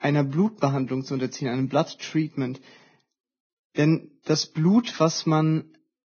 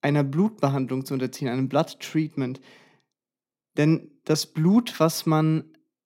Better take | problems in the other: second | garbled, watery; badly; nothing above 6.5 kHz

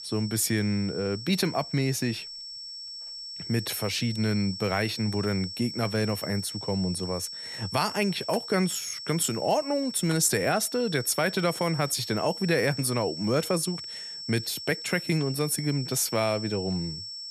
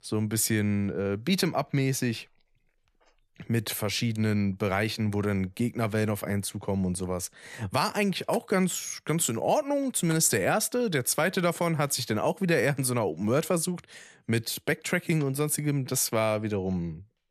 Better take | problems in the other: second | high-pitched whine; loud; throughout; 5.5 kHz, 9 dB below the speech

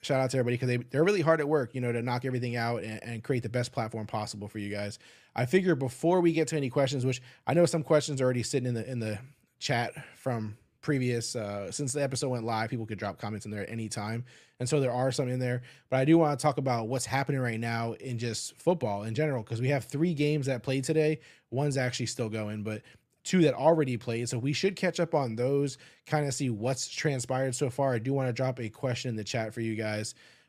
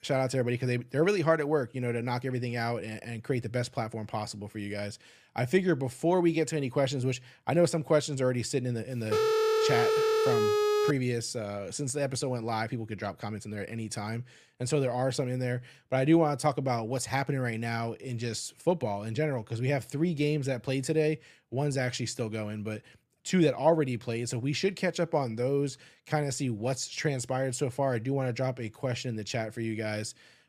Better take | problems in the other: first | phone ringing; loud; from 9 to 11 s; peak 5 dB above the speech

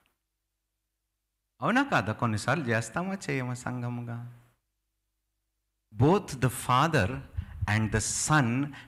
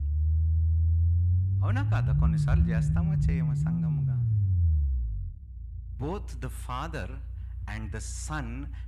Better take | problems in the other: first | low rumble; loud; throughout; as loud as the speech

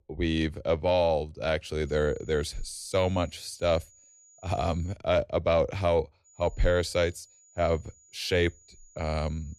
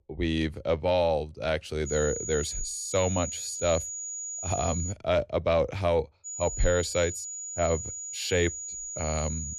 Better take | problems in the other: first | high-pitched whine; loud; from 2 to 5 s and from 6.5 s on; 7 kHz, 5 dB below the speech; faint in the first

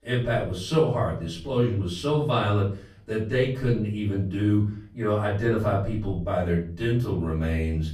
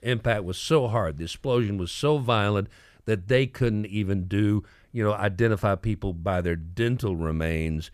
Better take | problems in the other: second | off-mic speech; far // room echo; noticeable; dies away in 0.4 s

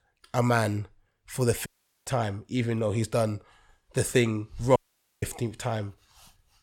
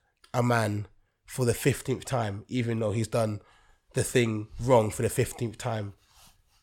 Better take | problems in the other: second | audio cutting out; at 1.5 s and at 5 s

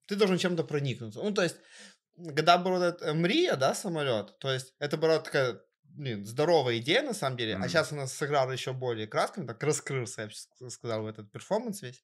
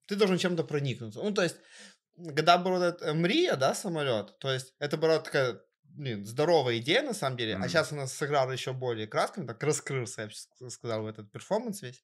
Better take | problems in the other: neither | none

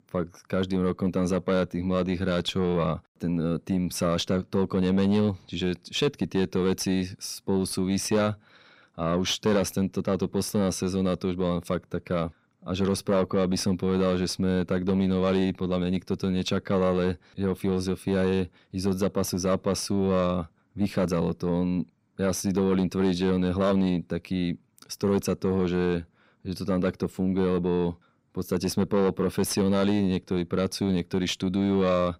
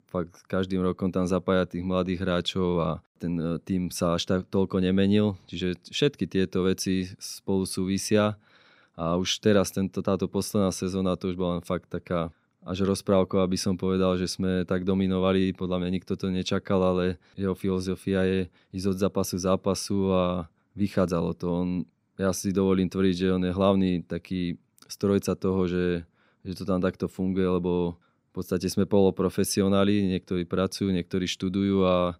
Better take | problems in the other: second | distortion; slight; 10 dB below the speech

